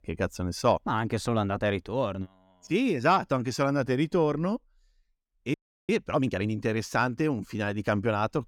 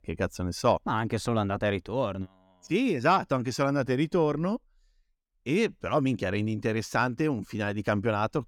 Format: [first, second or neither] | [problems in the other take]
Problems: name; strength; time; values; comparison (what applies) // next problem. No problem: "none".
second | audio freezing; at 5.5 s